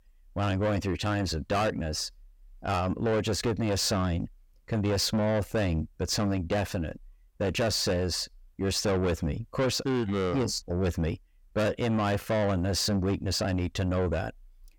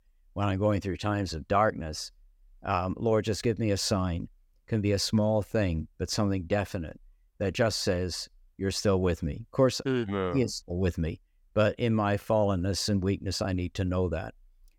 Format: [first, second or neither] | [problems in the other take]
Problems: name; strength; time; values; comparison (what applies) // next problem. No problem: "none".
second | distortion; heavy; 8 dB below the speech